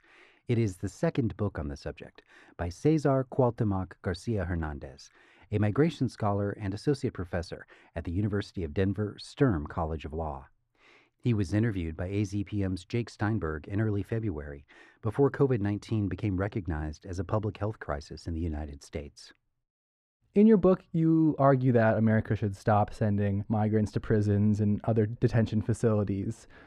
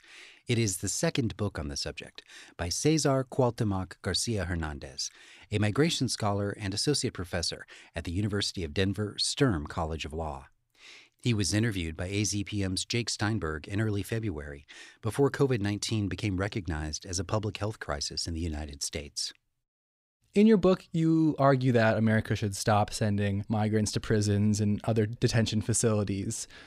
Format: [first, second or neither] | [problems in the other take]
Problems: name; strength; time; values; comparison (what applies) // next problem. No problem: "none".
second | muffled; very; fading above 2.5 kHz